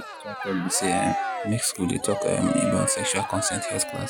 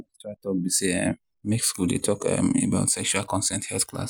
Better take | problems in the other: second | background sound (Cheering); 3 dB below the speech

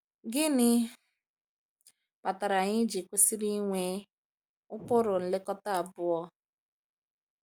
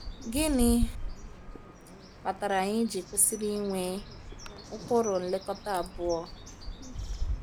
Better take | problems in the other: first | background sound (Bird); 6 dB below the speech

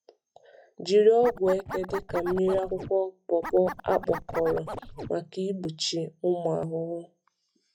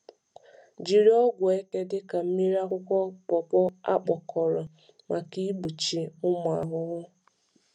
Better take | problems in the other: second | noise reduction (classical method log-MMSE)

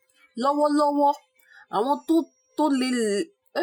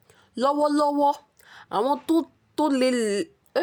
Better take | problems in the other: second | noise reduction (classical method Wiener filter)

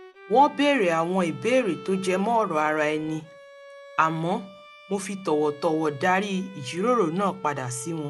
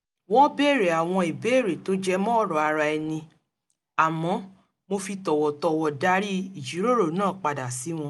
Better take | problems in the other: second | background sound (Bowed string instrument); 20 dB below the speech

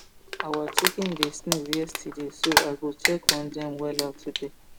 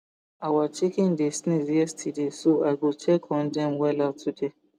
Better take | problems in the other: second | background sound (Crumpling, crinkling); 2 dB above the speech

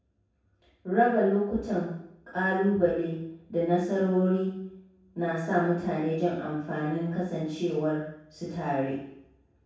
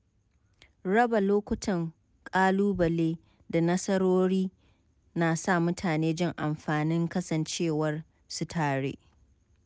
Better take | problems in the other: second | room echo; dies away in 0.7 s

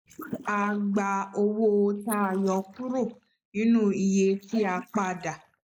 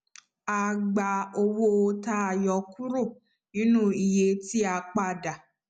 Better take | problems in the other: second | noise reduction (neural mask model Resemble Enhance denoiser)

